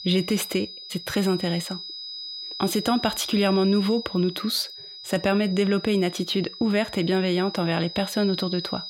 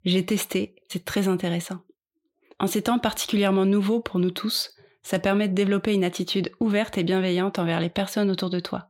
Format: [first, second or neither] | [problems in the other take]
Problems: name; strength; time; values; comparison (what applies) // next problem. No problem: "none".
second | high-pitched whine; noticeable; throughout; 5 kHz, 10 dB below the speech